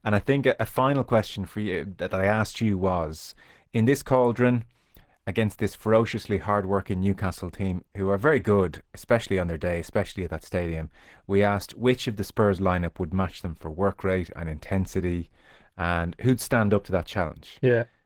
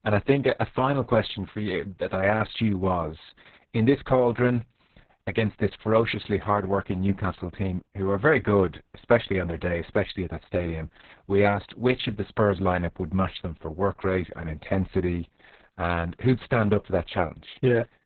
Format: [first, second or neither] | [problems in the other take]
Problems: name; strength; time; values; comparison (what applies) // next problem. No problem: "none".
first | garbled, watery; badly; nothing above 4 kHz; slightly in the first